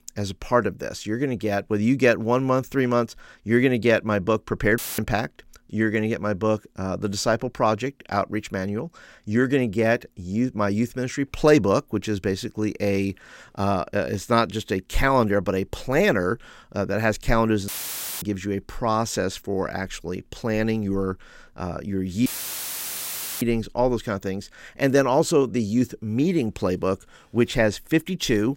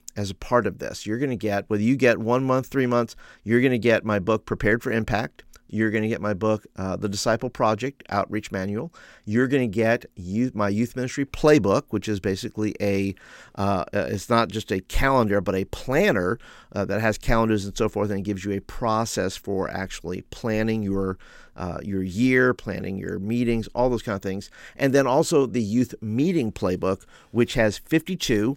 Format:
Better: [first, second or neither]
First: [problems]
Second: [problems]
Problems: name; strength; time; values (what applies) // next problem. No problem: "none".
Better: second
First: audio cutting out; filled with static; at 5 s, at 18 s for 0.5 s and at 22 s for 1 s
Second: none